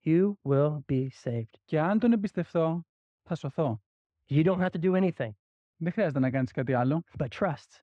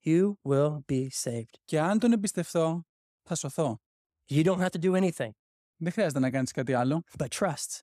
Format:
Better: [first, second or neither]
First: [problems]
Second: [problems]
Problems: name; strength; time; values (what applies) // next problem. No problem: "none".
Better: second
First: muffled; very; fading above 3 kHz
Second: none